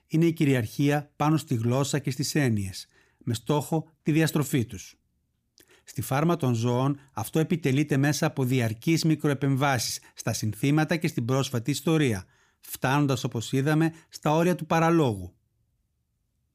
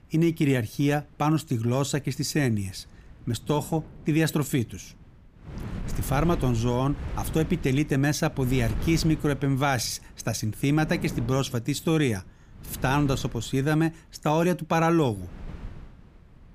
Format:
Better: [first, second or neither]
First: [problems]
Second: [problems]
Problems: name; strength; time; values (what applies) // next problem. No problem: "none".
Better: first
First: none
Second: wind noise on the microphone; occasional gusts; 15 dB below the speech